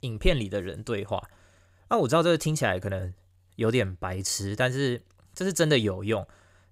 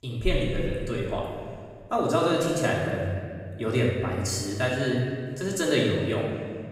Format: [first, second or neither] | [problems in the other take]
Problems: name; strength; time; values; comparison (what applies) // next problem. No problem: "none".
first | off-mic speech; far // room echo; noticeable; dies away in 1.8 s